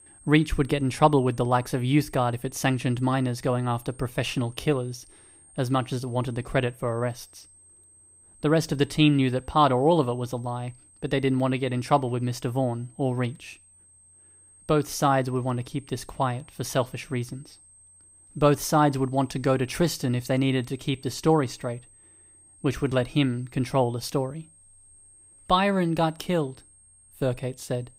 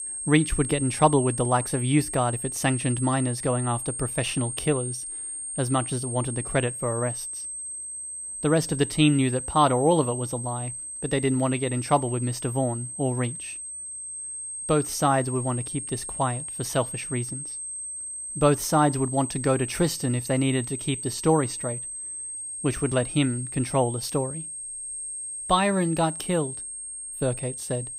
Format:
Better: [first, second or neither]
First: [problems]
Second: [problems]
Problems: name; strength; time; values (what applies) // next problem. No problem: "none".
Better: first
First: high-pitched whine; faint; throughout; 8.5 kHz, 25 dB below the speech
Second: high-pitched whine; loud; throughout; 8.5 kHz, 6 dB below the speech